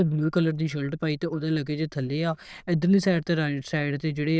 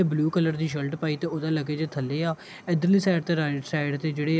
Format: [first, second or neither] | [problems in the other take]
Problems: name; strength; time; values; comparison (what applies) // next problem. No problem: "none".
second | noise reduction (neural diffusion model UNIVERSE++)